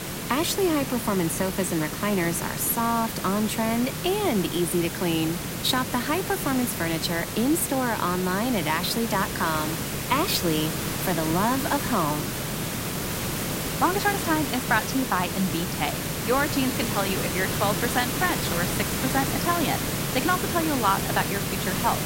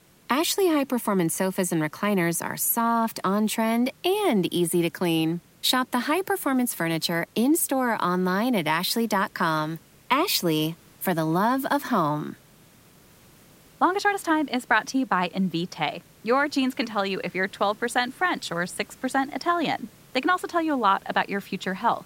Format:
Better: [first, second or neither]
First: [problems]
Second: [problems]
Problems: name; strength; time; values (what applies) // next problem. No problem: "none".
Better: second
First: hiss; loud; throughout; 2 dB below the speech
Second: hiss; faint; throughout; 30 dB below the speech